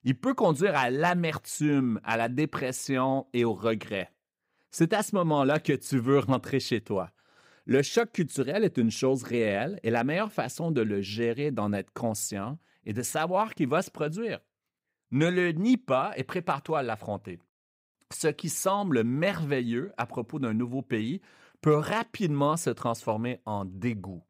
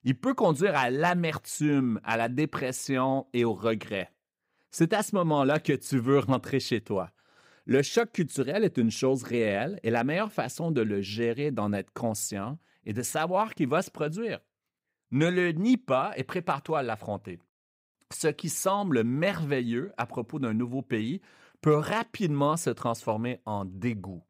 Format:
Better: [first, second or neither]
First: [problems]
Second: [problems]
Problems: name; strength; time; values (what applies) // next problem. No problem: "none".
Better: neither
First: none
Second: none